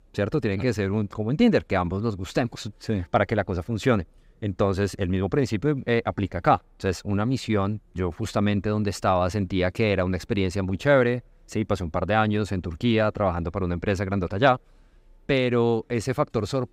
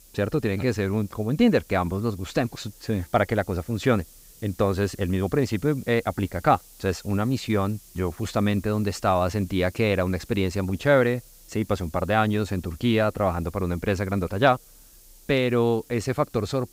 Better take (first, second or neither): first